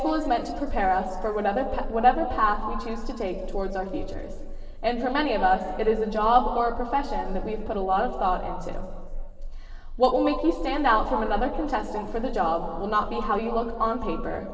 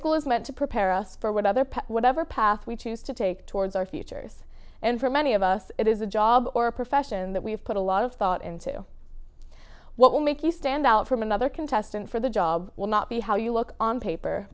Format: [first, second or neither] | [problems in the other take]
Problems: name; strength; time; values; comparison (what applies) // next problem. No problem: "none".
second | room echo; dies away in 2 s